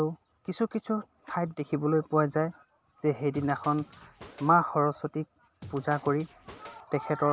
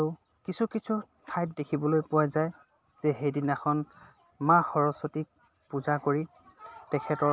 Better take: second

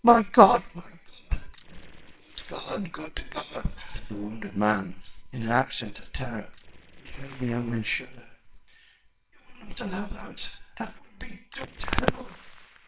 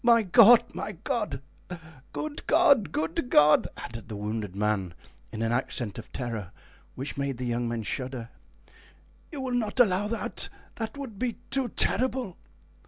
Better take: second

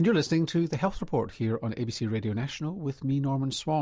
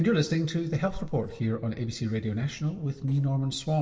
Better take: first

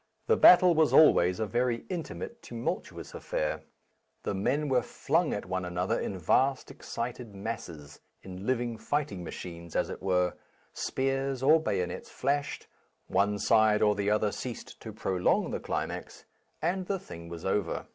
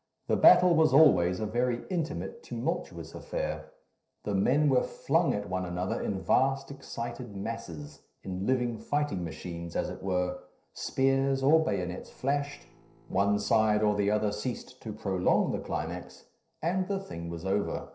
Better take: first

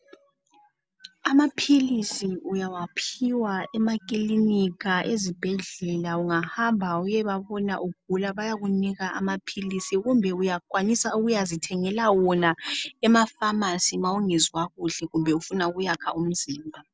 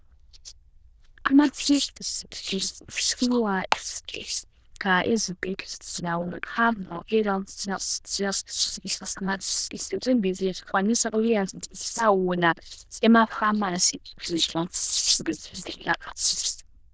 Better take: first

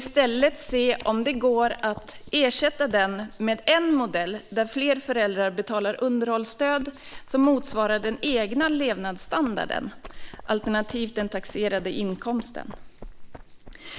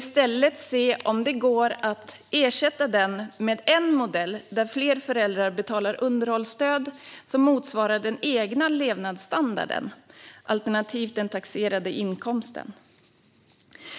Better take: second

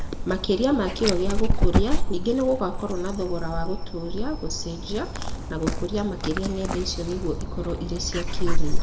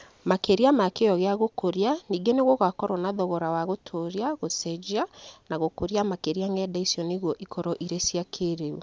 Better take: second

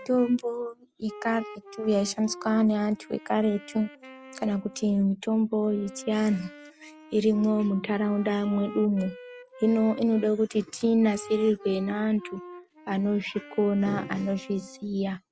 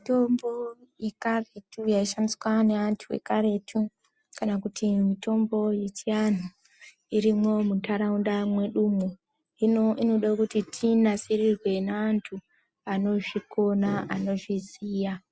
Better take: second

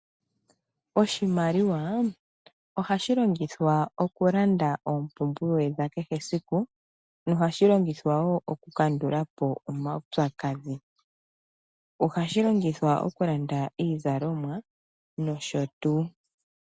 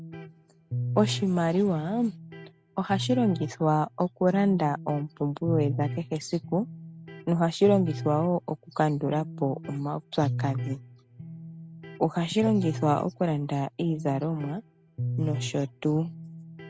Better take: first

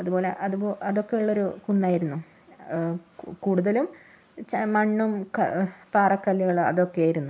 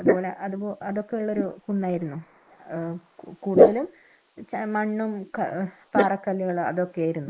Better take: first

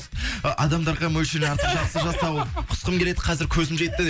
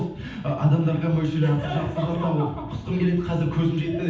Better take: first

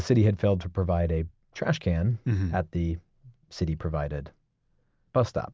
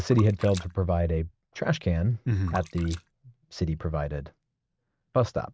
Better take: first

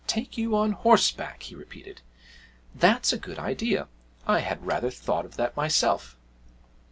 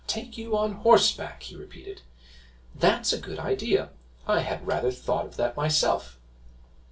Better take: first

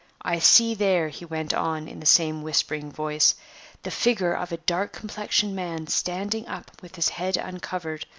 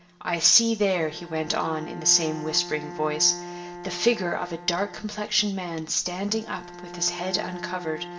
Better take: first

